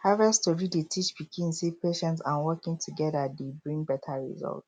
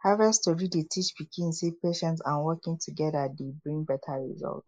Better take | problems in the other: first | noise reduction (neural mask model Resemble Enhance denoiser)

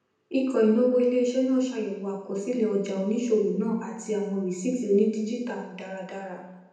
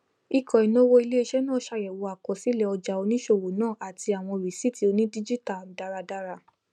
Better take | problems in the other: second | room echo; dies away in 0.9 s

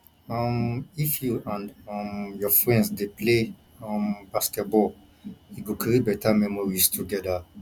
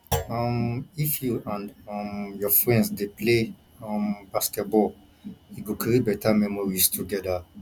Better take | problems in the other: first | background sound (Thump, thud); 9 dB below the speech

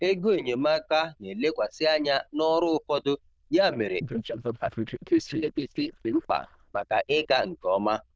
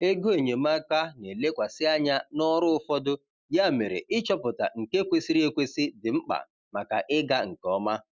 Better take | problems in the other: second | noise reduction (neural diffusion model UNIVERSE++)

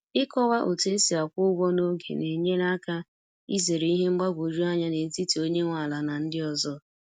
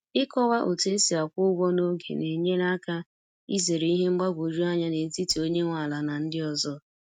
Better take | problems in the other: first | noise reduction (neural mask model RNNoise)

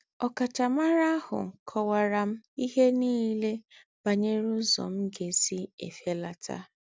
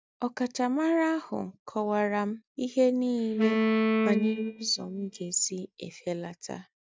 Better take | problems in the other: first | noise reduction (neural mask model DeepFilterNet 3)

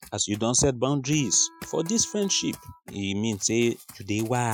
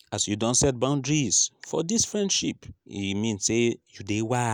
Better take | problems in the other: second | noise reduction (classical method Wiener filter)

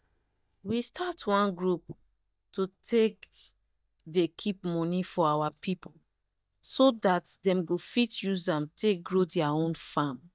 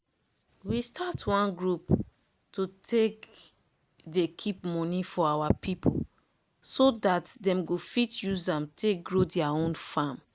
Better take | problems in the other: second | noise reduction (neural mask model DeepFilterNet 3)

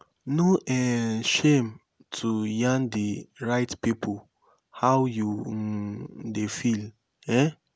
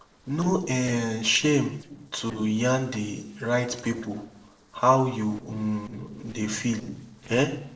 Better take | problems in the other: first | noise reduction (neural separator model SepFormer DNS4)

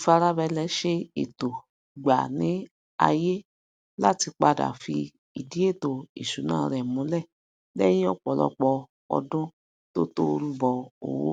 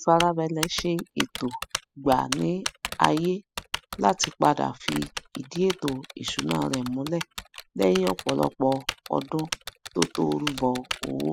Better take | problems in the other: first | noise reduction (classical method spectral subtraction)

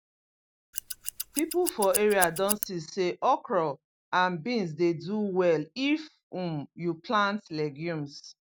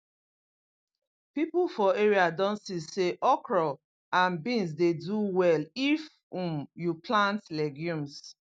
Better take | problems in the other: second | background sound (Scissors); 5 dB below the speech

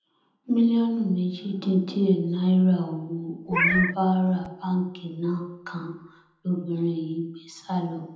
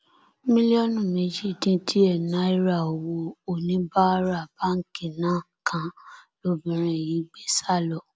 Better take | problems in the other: second | background sound (Meow); 2 dB below the speech // room echo; dies away in 0.8 s

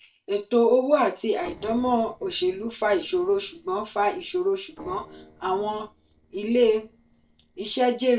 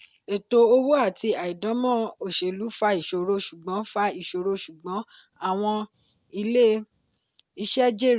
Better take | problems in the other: second | noise reduction (neural separator model SepFormer DNS4)

